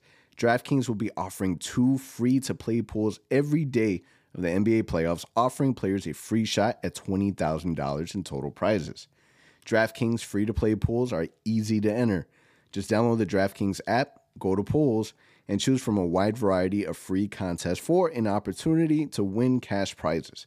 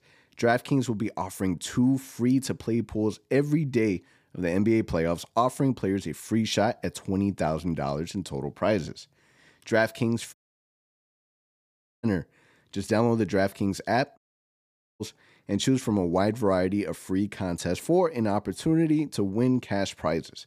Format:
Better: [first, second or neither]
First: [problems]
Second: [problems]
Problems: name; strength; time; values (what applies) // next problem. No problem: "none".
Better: first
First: none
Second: audio cutting out; at 10 s for 1.5 s and at 14 s for 1 s